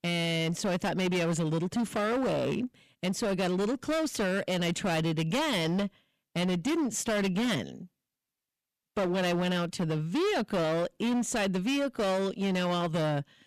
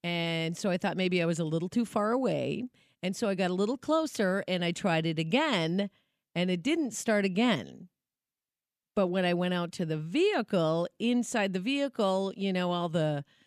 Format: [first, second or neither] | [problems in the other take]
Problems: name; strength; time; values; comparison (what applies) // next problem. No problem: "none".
second | distortion; heavy; 23% of the sound clipped